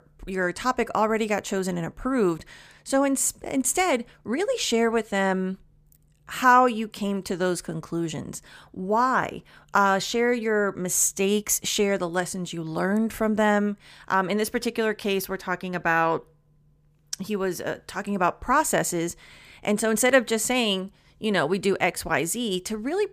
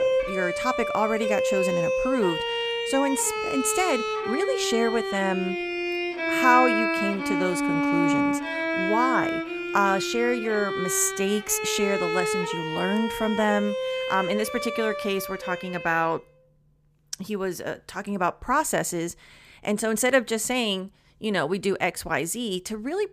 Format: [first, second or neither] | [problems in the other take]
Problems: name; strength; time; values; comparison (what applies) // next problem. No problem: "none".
first | background music; loud; until 16 s; 1 dB below the speech